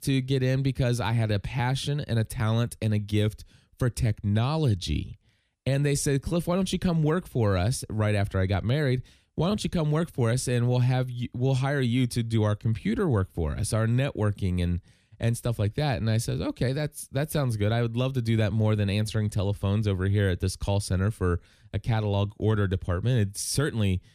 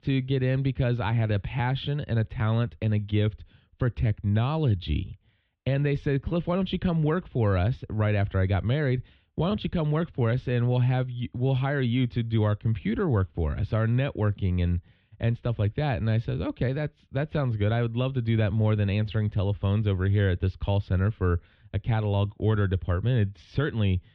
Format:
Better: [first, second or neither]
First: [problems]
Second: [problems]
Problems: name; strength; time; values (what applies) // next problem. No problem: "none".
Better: first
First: none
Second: muffled; very; fading above 3.5 kHz